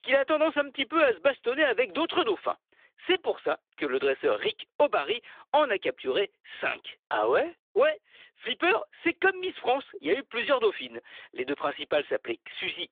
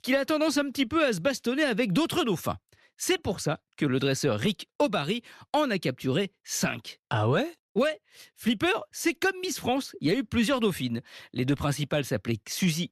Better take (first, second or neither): second